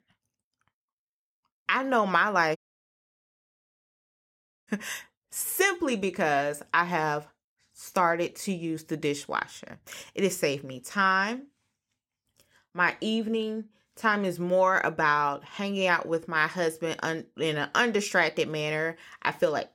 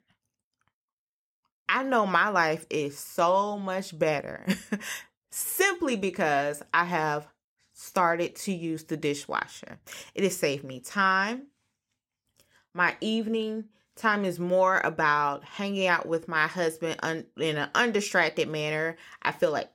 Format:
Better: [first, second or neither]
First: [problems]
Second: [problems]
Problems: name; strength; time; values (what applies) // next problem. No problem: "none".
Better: second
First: audio cutting out; at 2.5 s for 2 s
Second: none